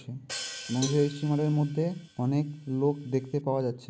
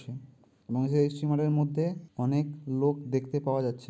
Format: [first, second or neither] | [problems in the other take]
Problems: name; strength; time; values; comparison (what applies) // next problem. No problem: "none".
second | background sound (Hi-hat + Cowbell); 13 dB below the speech